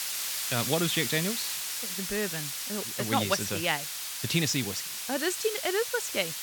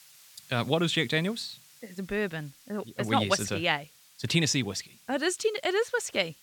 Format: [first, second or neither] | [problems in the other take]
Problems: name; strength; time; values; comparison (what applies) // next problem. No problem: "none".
second | hiss; loud; throughout; 2 dB below the speech; faint in the second